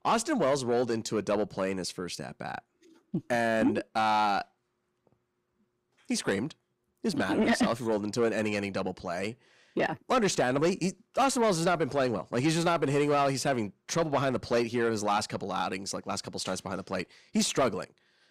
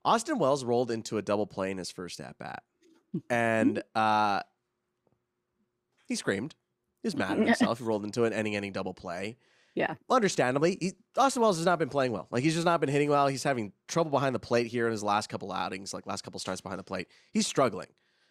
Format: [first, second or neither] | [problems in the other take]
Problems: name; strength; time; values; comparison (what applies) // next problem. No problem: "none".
second | distortion; slight; 10 dB below the speech